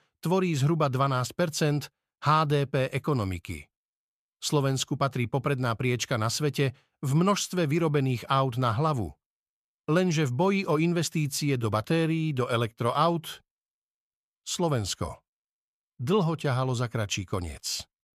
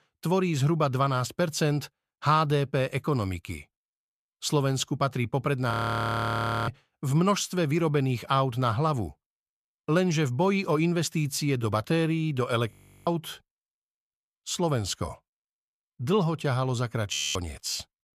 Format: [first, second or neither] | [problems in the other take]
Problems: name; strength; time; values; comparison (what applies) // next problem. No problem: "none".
first | audio freezing; at 5.5 s for 1 s, at 13 s and at 17 s